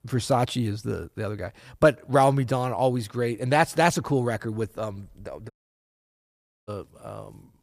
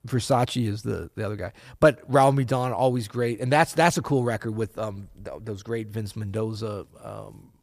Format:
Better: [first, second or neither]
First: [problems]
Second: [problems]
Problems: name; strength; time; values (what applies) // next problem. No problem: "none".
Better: second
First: audio cutting out; at 5.5 s for 1 s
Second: none